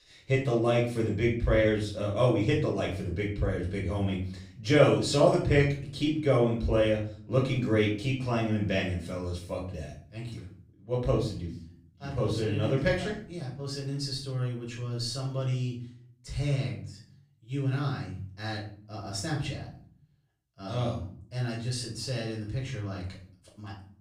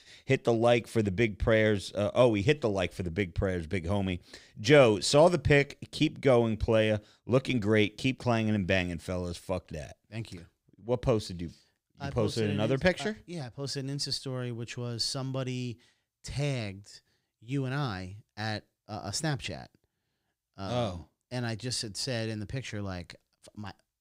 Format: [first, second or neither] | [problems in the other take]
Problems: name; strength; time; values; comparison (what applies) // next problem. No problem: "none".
second | off-mic speech; far // room echo; noticeable; dies away in 0.5 s